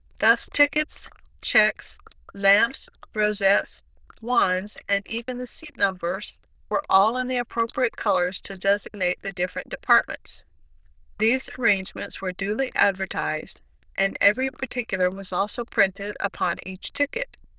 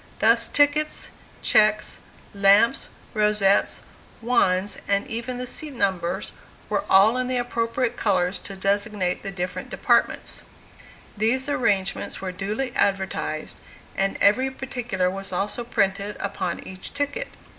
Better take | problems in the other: second | noise reduction (neural diffusion model UNIVERSE++)

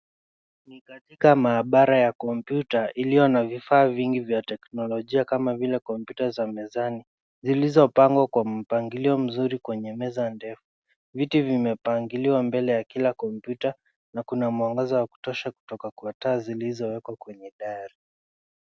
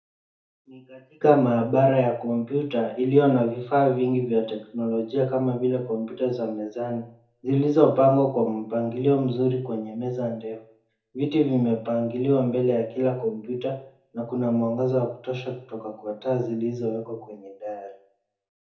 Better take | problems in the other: first | room echo; dies away in 0.6 s

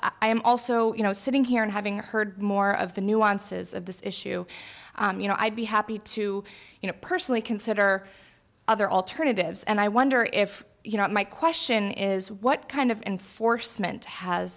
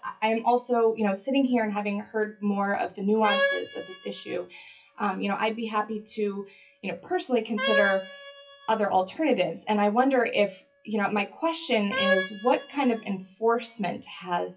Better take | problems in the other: first | noise reduction (classical method WPE with log-MMSE)

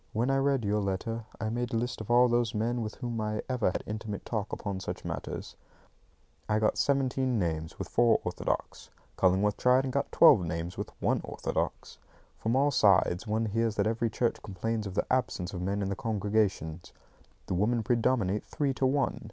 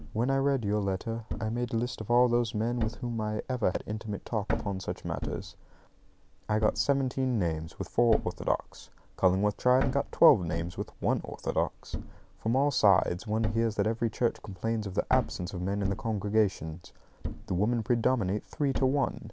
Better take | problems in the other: first | background sound (Thump, thud); 10 dB below the speech

